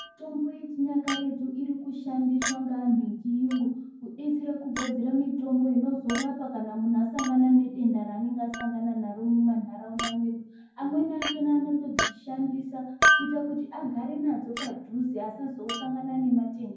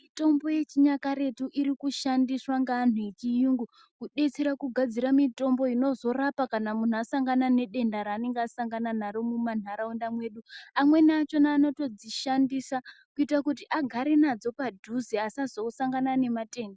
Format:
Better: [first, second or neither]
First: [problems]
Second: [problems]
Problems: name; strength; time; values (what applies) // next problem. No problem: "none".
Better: second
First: background sound (Chink, clink); 7 dB below the speech // room echo; dies away in 0.9 s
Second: none